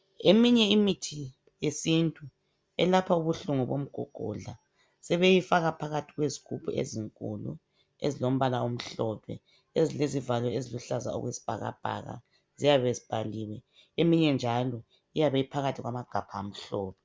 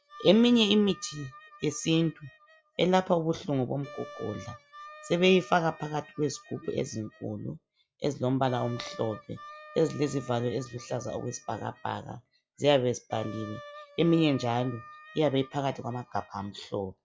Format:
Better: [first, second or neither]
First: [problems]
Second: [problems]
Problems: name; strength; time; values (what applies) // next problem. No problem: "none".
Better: first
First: none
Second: noise reduction (classical method log-MMSE)